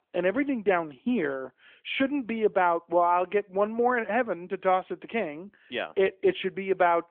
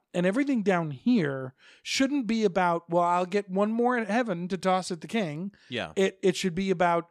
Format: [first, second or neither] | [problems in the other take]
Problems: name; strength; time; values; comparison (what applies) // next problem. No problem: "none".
second | phone-call audio; nothing above 3.5 kHz